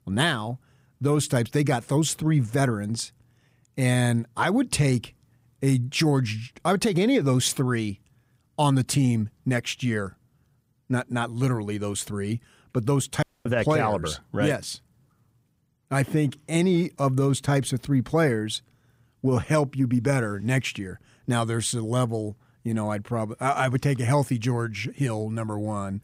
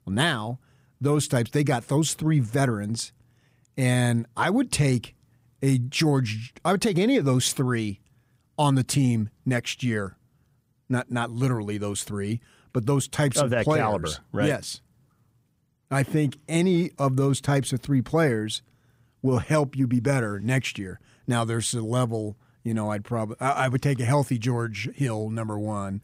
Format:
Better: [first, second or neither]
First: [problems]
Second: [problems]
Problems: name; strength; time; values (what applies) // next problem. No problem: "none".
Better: second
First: audio cutting out; at 13 s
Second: none